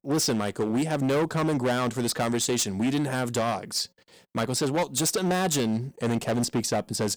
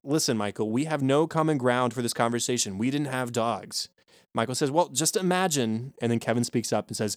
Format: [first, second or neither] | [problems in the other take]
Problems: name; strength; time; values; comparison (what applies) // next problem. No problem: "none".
second | distortion; heavy; 16% of the sound clipped